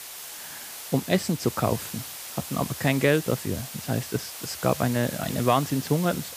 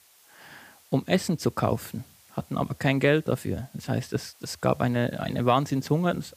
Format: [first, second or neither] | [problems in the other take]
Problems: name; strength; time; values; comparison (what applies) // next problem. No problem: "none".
second | hiss; loud; throughout; 9 dB below the speech; faint in the second